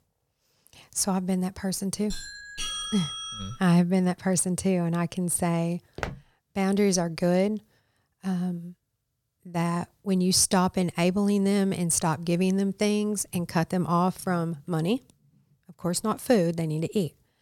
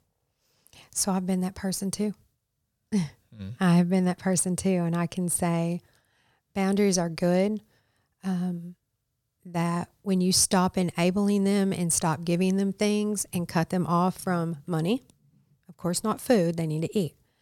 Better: second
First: doorbell; noticeable; from 2 to 3.5 s; peak 4 dB below the speech // footsteps; faint; at 6 s; peak 10 dB below the speech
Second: none

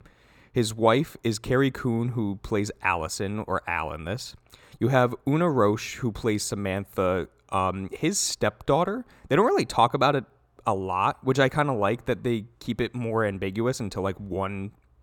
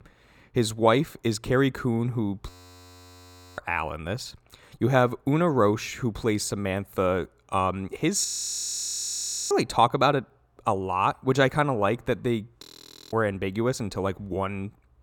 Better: first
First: none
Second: audio freezing; at 2.5 s for 1 s, at 8.5 s for 1.5 s and at 13 s

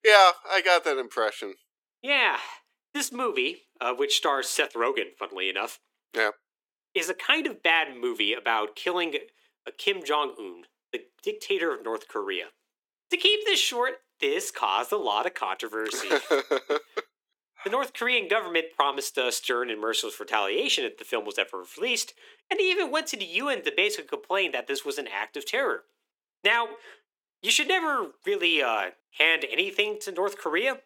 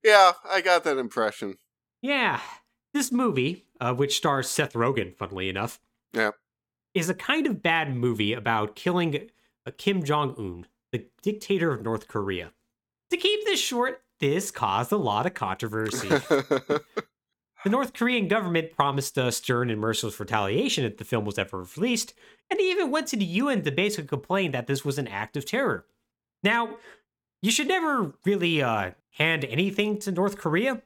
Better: second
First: thin; very; fading below 350 Hz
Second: none

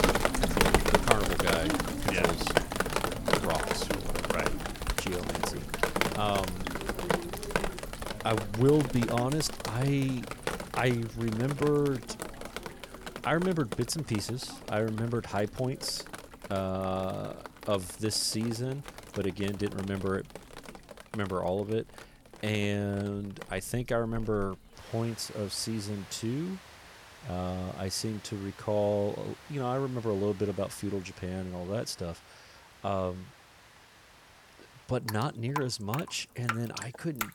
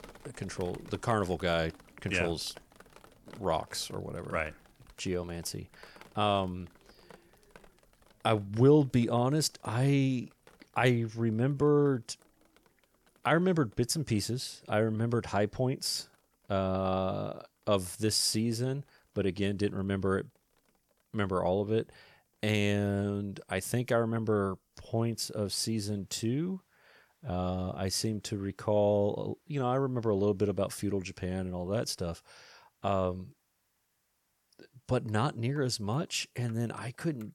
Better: second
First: rain or running water; loud; throughout; 1 dB below the speech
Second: rain or running water; faint; throughout; 25 dB below the speech

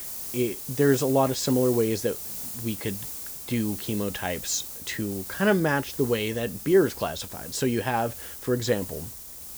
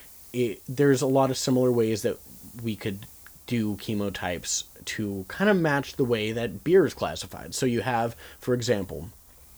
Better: second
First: hiss; loud; throughout; 9 dB below the speech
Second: hiss; faint; throughout; 20 dB below the speech

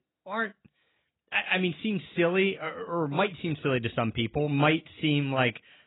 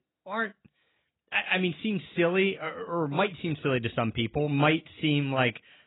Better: neither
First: garbled, watery; badly; nothing above 4 kHz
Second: garbled, watery; badly; nothing above 4 kHz

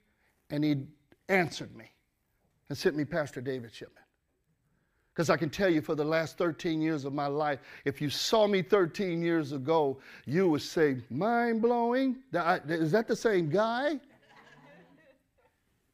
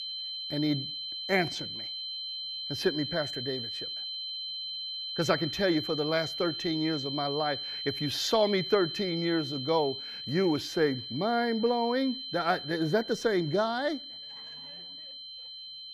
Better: first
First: none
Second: high-pitched whine; loud; throughout; 4 kHz, 6 dB below the speech

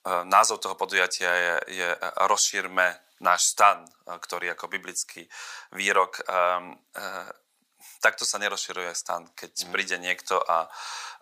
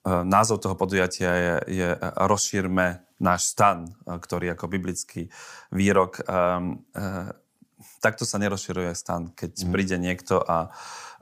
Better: second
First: thin; very; fading below 750 Hz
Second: none

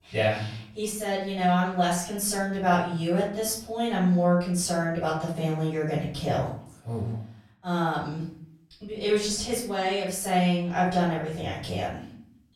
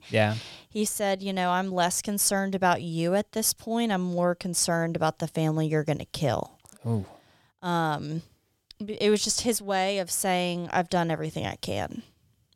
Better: second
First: off-mic speech; far // room echo; noticeable; dies away in 0.5 s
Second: none

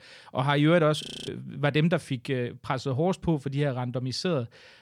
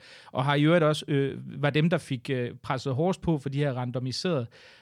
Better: second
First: audio freezing; at 1 s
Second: none

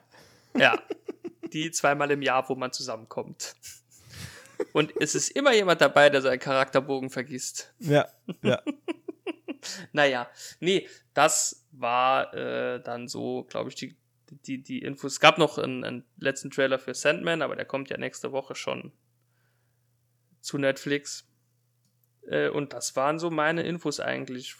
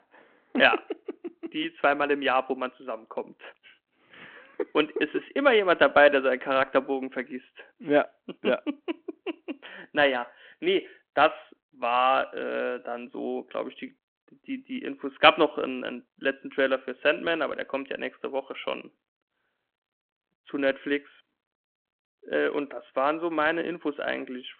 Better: first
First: none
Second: phone-call audio

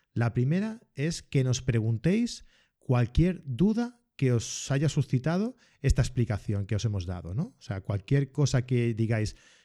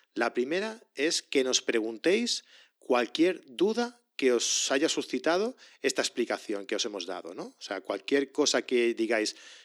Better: first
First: none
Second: thin; very; fading below 300 Hz

